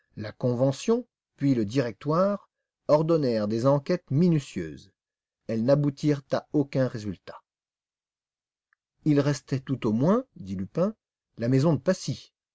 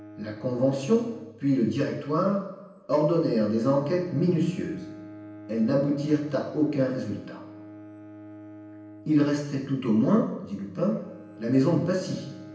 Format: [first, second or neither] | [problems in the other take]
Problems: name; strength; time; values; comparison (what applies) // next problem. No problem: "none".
first | background sound (Bowed string instrument); 19 dB below the speech // room echo; dies away in 0.9 s